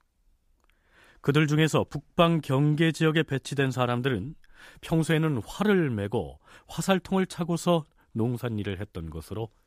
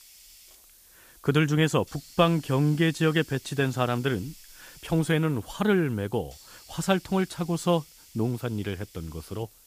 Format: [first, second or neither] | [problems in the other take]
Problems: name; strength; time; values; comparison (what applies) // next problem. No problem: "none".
first | hiss; faint; throughout; 20 dB below the speech